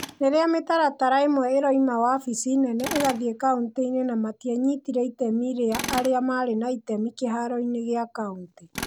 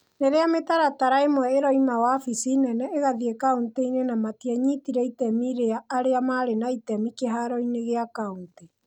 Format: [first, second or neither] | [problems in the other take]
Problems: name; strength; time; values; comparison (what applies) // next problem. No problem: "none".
second | background sound (Tools); 15 dB below the speech